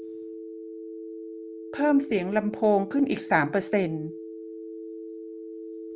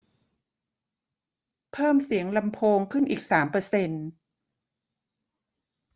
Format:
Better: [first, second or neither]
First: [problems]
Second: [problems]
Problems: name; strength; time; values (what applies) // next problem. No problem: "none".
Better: second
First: background sound (Telephone); 10 dB below the speech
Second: none